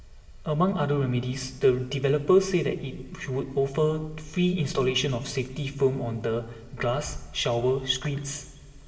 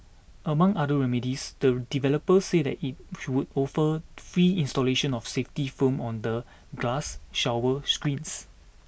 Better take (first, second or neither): second